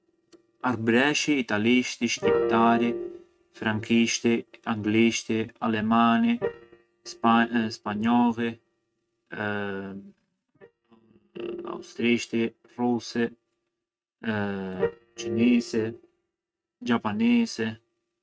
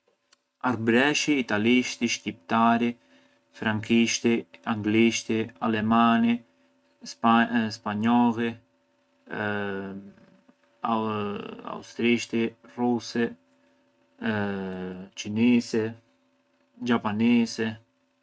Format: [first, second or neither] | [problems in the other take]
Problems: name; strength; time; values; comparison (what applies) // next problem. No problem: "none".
second | noise reduction (neural mask model RNNoise)